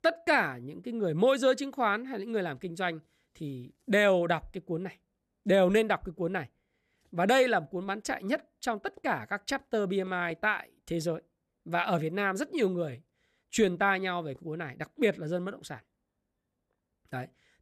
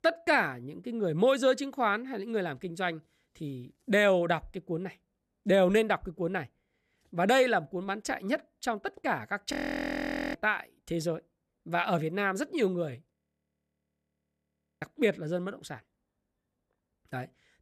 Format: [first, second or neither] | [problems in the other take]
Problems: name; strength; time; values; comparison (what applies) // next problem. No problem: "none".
first | audio freezing; at 9.5 s for 1 s and at 13 s for 1.5 s